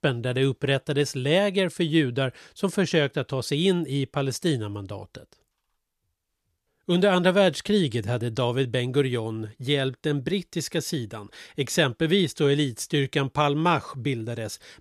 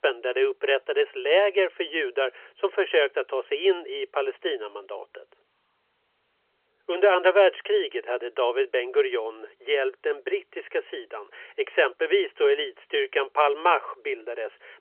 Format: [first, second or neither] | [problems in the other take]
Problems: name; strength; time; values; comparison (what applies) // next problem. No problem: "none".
first | phone-call audio; nothing above 3 kHz